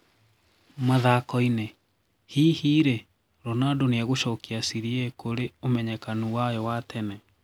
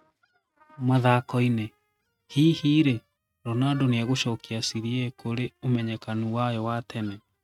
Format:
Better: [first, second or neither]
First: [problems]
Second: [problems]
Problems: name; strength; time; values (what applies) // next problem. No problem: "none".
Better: first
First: none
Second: noise reduction (neural mask model RNNoise)